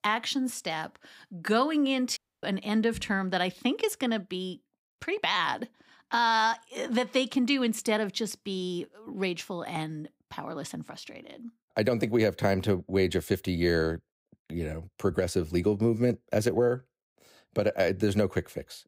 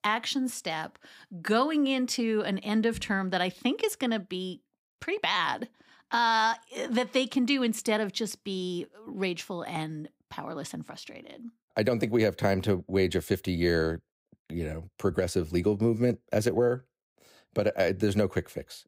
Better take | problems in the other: second | audio cutting out; at 2 s

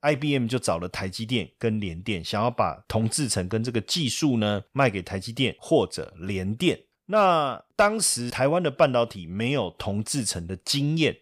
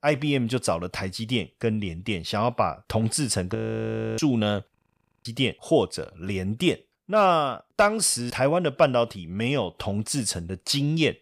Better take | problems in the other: first | audio freezing; at 3.5 s for 0.5 s and at 5 s for 0.5 s

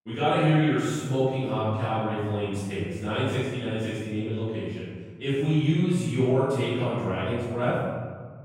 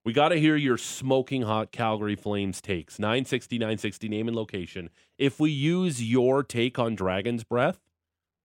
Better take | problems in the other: second | off-mic speech; far // room echo; strong; dies away in 1.9 s

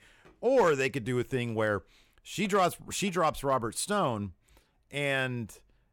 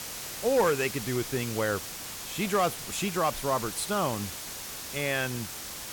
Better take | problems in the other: first | hiss; loud; throughout; 7 dB below the speech

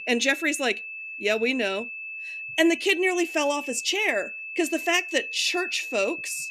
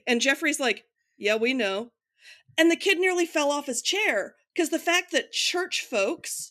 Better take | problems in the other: second | high-pitched whine; loud; throughout; 2.5 kHz, 8 dB below the speech

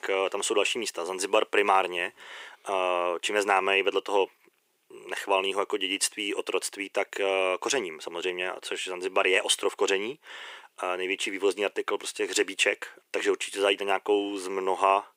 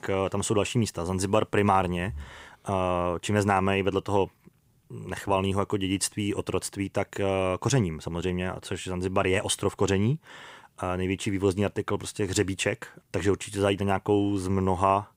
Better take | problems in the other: second | thin; very; fading below 400 Hz

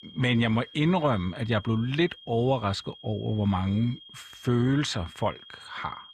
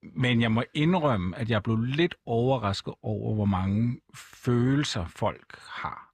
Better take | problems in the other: second | high-pitched whine; noticeable; throughout; 3 kHz, 20 dB below the speech

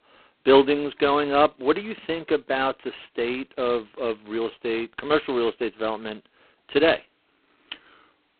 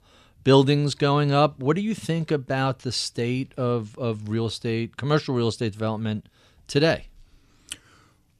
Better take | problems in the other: second | phone-call audio; poor line; nothing above 4 kHz

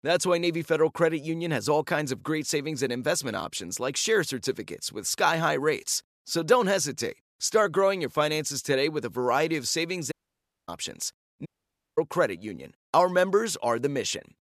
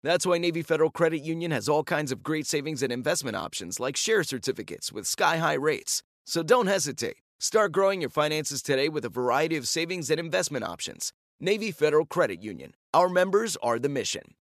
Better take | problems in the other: second | audio cutting out; at 10 s for 0.5 s and at 11 s for 0.5 s

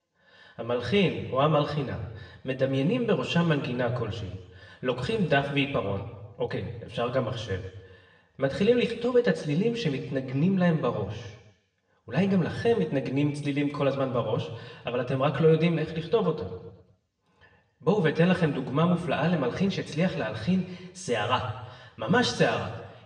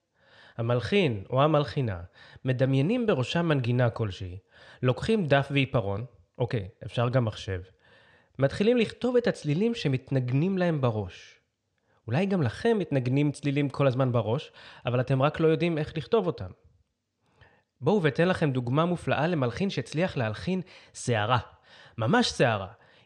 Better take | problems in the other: second | room echo; slight; dies away in 1 s // off-mic speech; somewhat distant

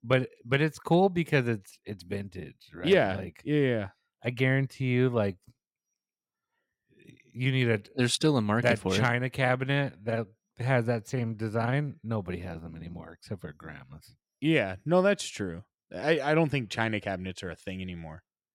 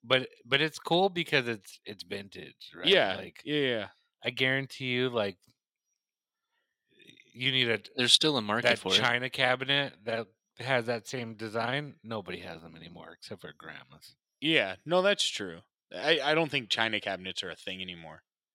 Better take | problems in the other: first | thin; somewhat; fading below 500 Hz

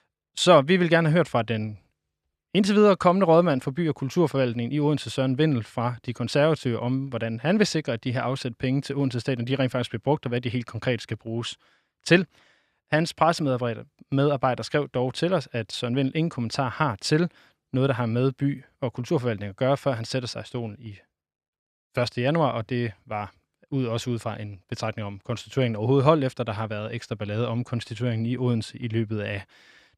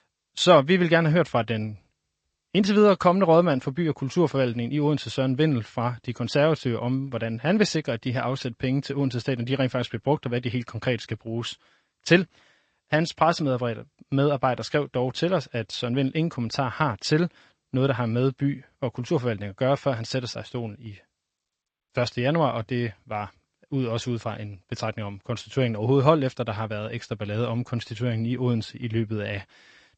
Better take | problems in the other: first | garbled, watery; slightly; nothing above 8 kHz

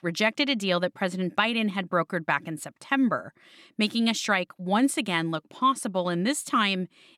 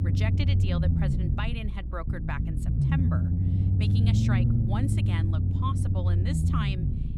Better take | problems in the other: first | low rumble; loud; throughout; as loud as the speech

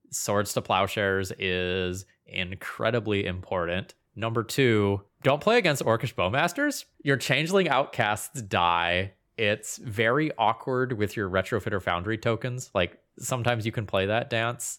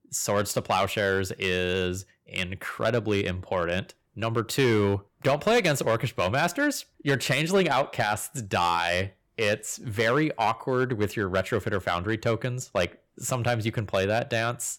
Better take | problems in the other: first | distortion; slight; 4% of the sound clipped

